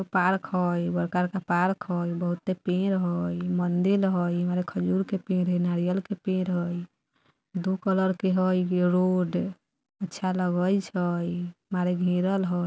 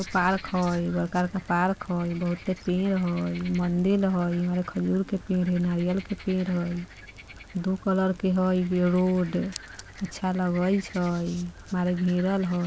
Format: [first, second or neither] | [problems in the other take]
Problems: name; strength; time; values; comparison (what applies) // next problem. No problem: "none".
first | background sound (Frog); 18 dB below the speech